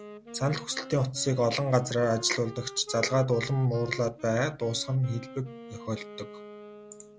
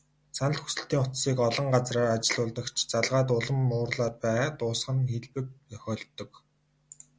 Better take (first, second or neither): second